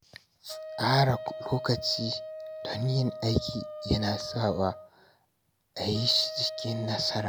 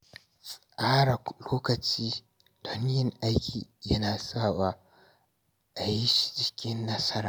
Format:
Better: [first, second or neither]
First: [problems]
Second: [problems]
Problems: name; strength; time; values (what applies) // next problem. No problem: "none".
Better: second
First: background sound (Wind instrument, woodwind instrument); 11 dB below the speech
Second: none